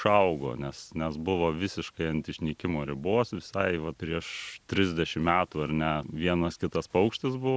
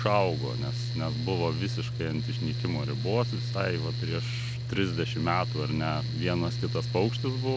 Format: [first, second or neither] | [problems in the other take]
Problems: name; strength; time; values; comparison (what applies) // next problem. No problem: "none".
first | background sound (Mechanical fan); as loud as the speech